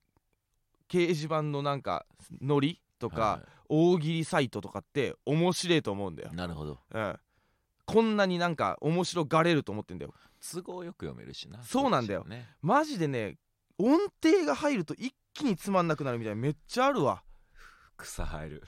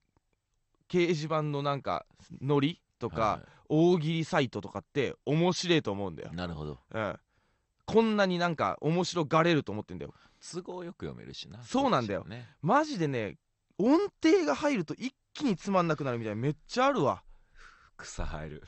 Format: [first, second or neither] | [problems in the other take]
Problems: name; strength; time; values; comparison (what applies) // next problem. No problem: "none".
first | garbled, watery; slightly; nothing above 8 kHz